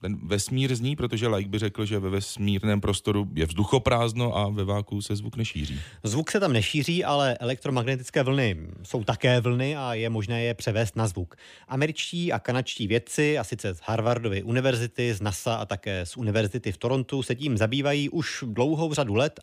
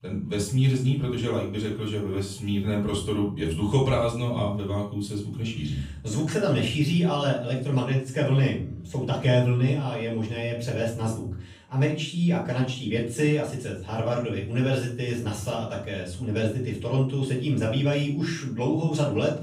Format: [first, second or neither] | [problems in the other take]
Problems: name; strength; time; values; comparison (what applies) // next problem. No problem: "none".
first | off-mic speech; far // room echo; noticeable; dies away in 0.5 s